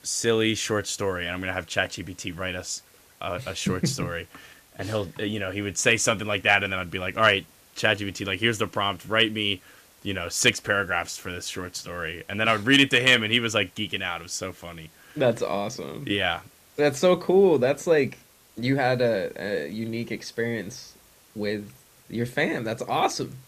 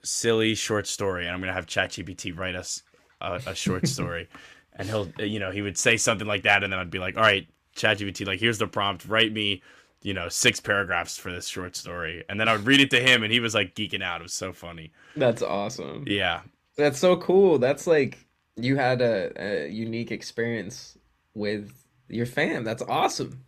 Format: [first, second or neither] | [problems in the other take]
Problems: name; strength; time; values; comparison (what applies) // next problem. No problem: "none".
second | hiss; faint; throughout; 30 dB below the speech